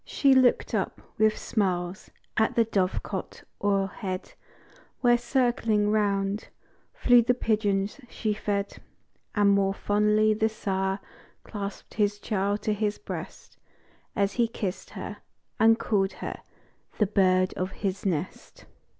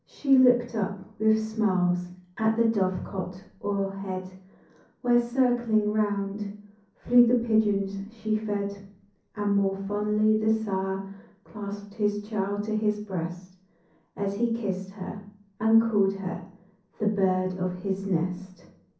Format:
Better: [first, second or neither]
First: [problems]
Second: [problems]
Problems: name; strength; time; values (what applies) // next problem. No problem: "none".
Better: first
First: none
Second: room echo; dies away in 0.6 s